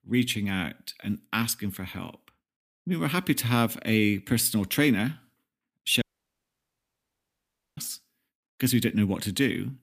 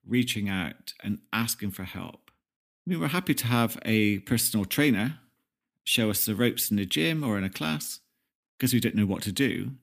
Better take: second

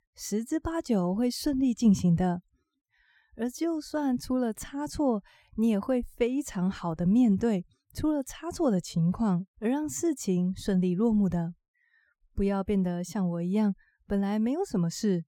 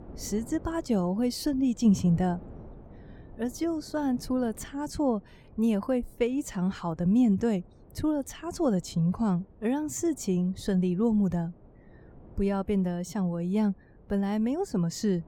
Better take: first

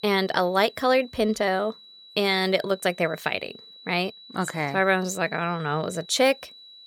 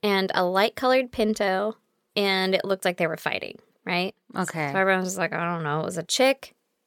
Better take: second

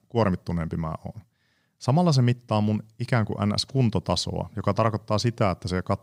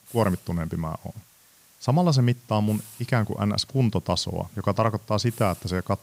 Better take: first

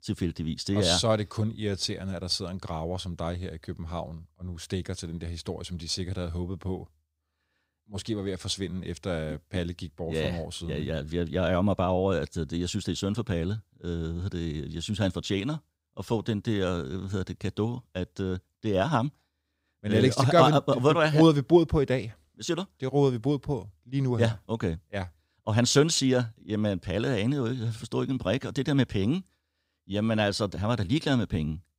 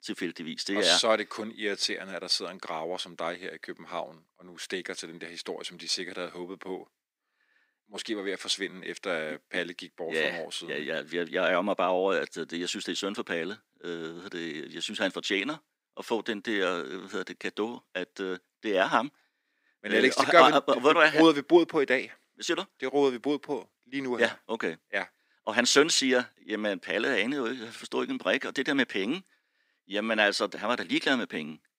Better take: first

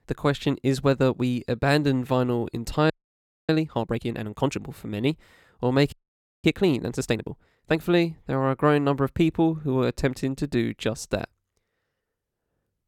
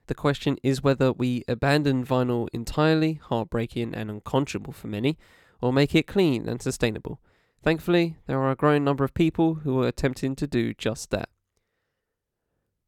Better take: second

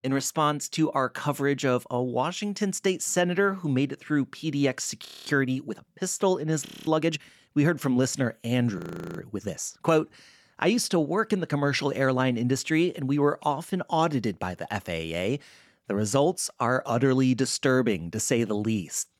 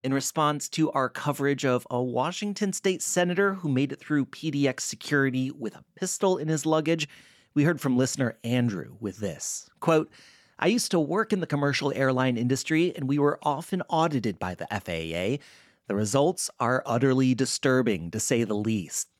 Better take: second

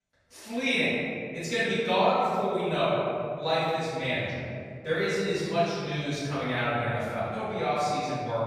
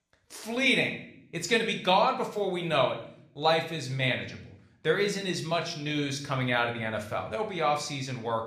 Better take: second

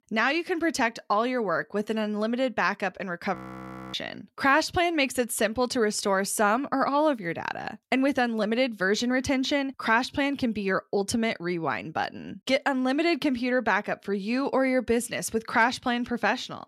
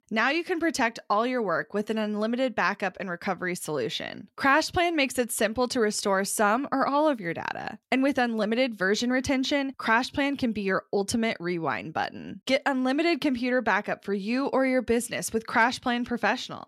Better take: second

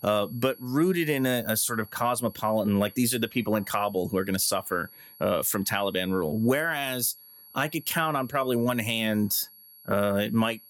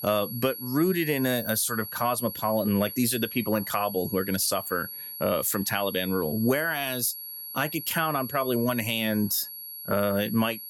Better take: first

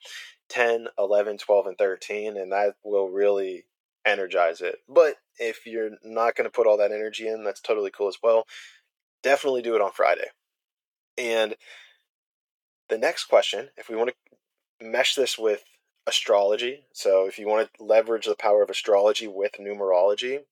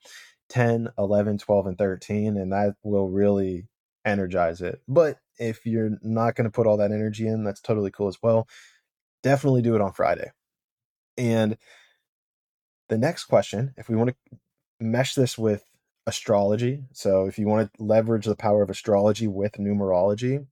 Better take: second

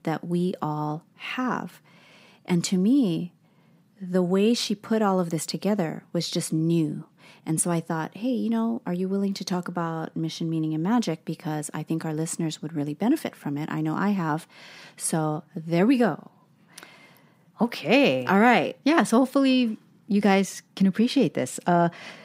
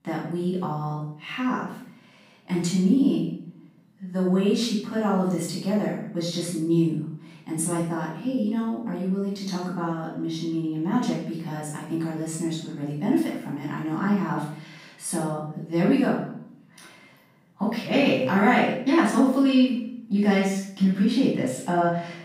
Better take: first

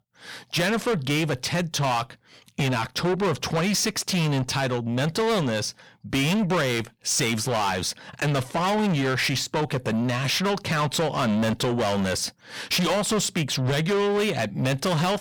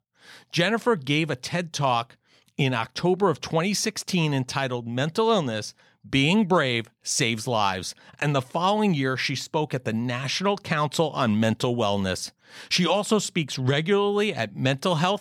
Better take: second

